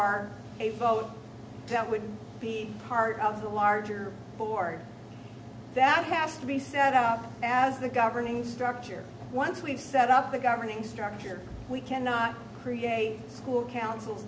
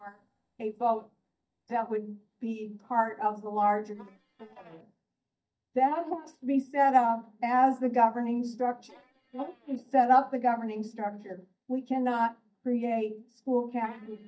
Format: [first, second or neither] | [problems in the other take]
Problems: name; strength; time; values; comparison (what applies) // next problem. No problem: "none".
first | noise reduction (neural mask model DeepFilterNet 3)